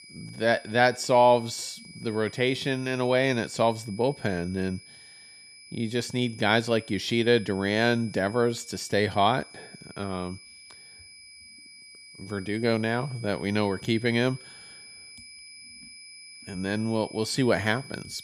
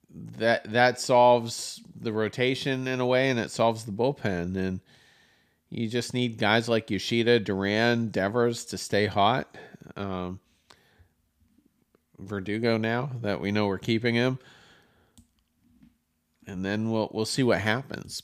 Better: second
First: high-pitched whine; noticeable; throughout; 2.5 kHz, 20 dB below the speech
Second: none

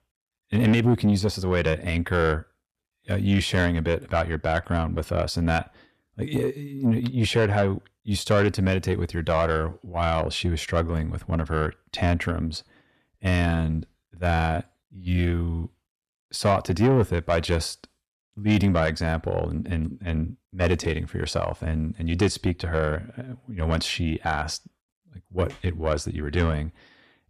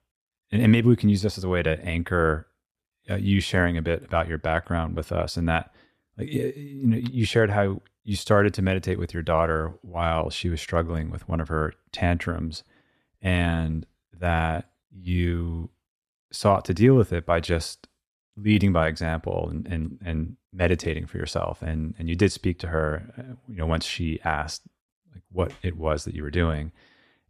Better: second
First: distortion; slight; 10 dB below the speech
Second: none

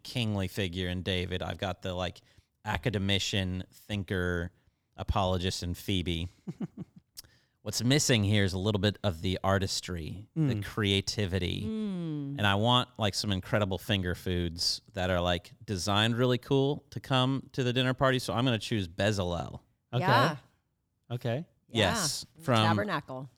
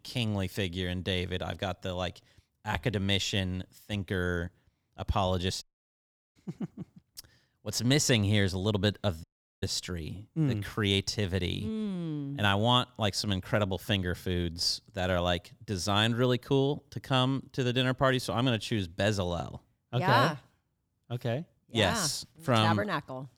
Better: first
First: none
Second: audio cutting out; at 5.5 s for 0.5 s and at 9 s

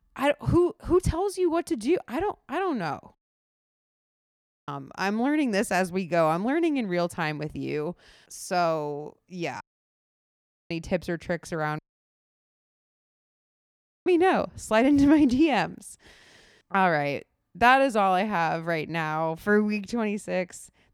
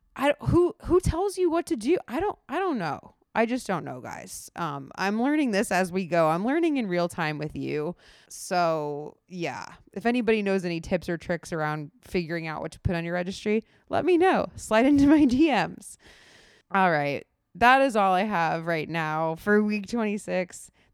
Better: second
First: audio cutting out; at 3 s for 1.5 s, at 9.5 s for 1 s and at 12 s for 2.5 s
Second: none

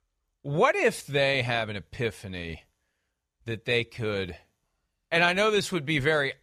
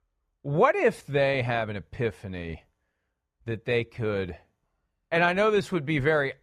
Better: first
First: none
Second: muffled; slightly; fading above 2.5 kHz

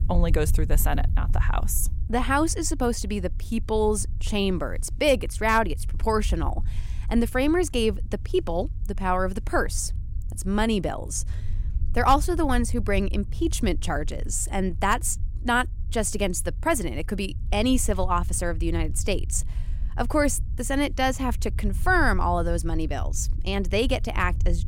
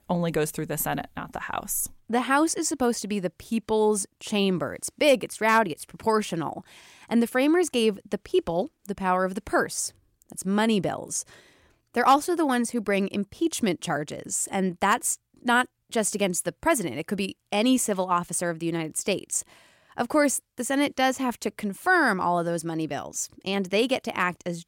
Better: second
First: low rumble; faint; throughout; 25 dB below the speech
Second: none

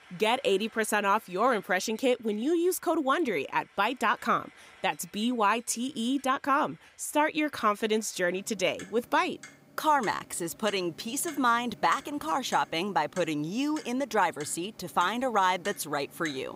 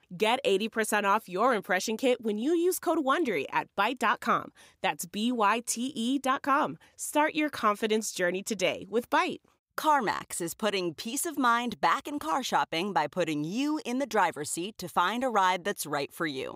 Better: second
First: household noises; faint; throughout; 20 dB below the speech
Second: none

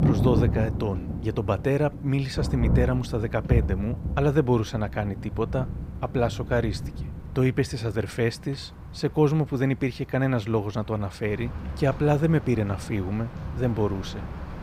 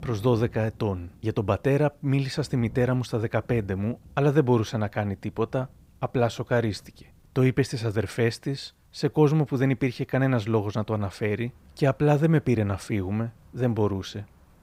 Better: second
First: rain or running water; loud; throughout; 5 dB below the speech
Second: rain or running water; faint; throughout; 25 dB below the speech

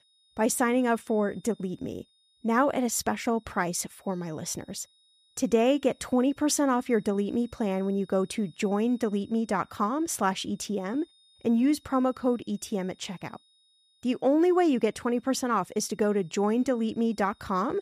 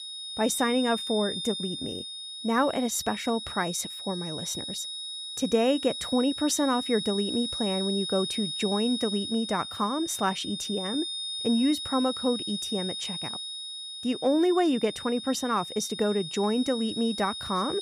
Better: first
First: high-pitched whine; faint; throughout; 4 kHz, 35 dB below the speech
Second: high-pitched whine; loud; throughout; 4 kHz, 5 dB below the speech

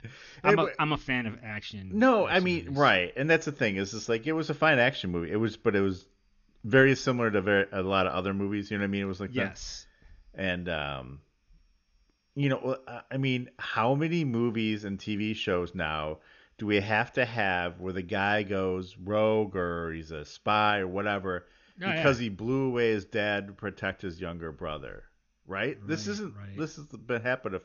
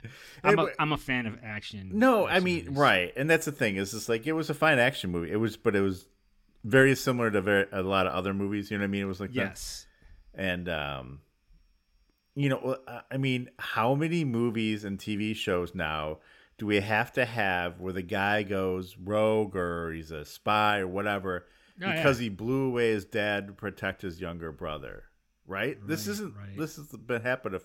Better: second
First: garbled, watery; slightly; nothing above 6.5 kHz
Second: none

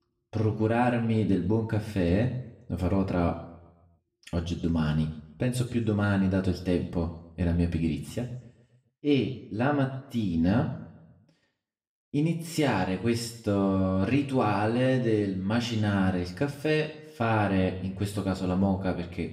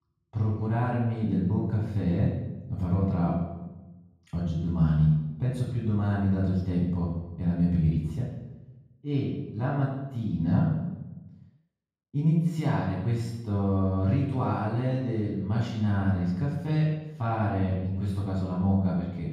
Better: first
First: room echo; slight; dies away in 0.7 s // off-mic speech; somewhat distant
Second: room echo; strong; dies away in 1.3 s // off-mic speech; far

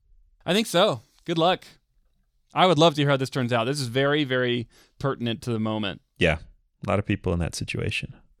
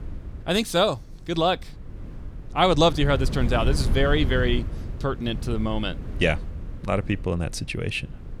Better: first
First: none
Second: wind noise on the microphone; occasional gusts; 15 dB below the speech

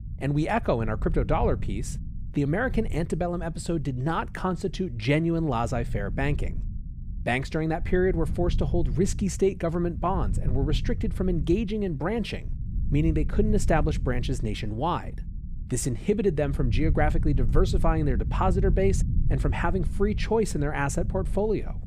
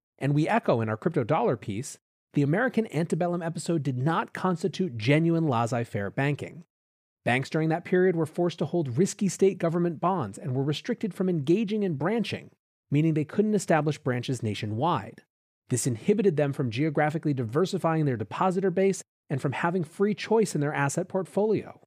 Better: second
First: low rumble; noticeable; throughout; 20 dB below the speech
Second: none

